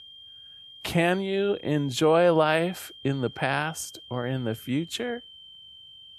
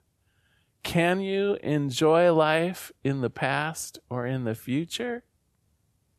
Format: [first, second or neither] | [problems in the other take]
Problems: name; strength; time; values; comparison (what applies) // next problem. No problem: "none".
second | high-pitched whine; noticeable; throughout; 3 kHz, 20 dB below the speech